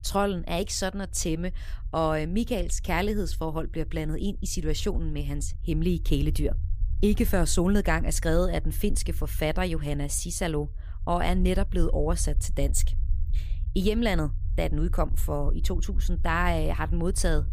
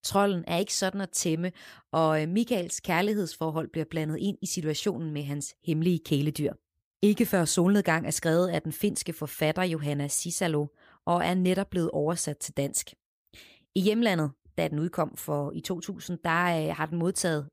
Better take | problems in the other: second | low rumble; faint; throughout; 25 dB below the speech

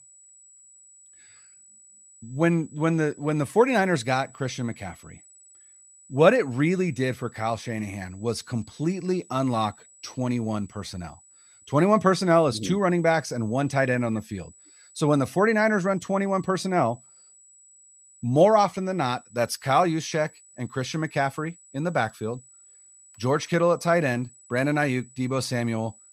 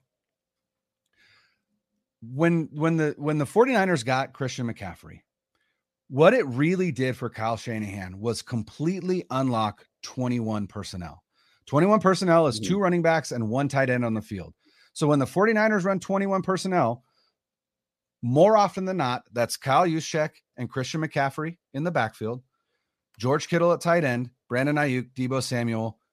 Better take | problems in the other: second | high-pitched whine; faint; throughout; 8 kHz, 25 dB below the speech

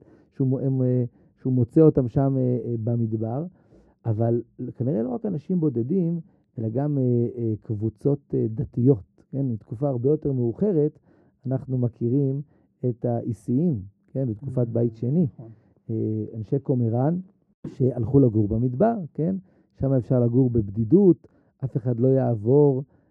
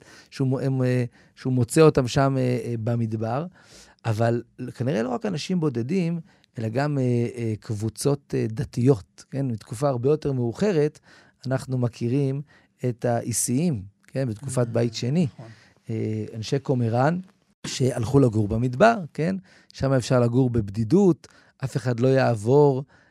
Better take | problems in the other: second | muffled; very; fading above 1.5 kHz

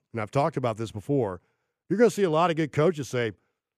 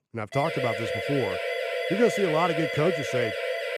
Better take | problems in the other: first | siren; noticeable; peak 1 dB below the speech

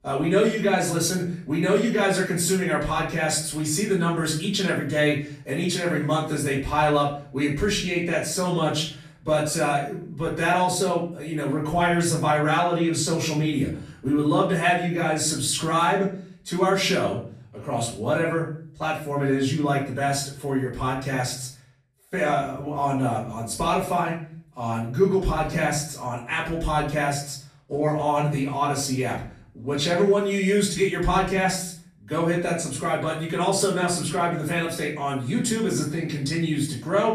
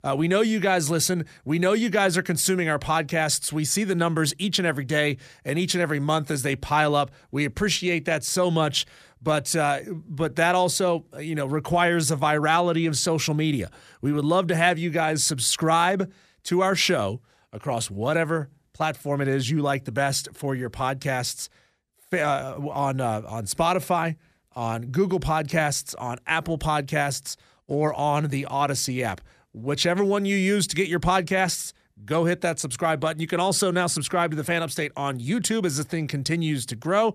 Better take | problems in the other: second | off-mic speech; far // room echo; slight; dies away in 0.5 s

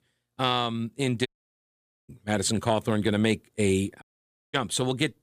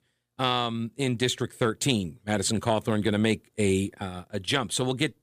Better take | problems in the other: second | audio cutting out; at 1.5 s for 1 s and at 4 s for 0.5 s

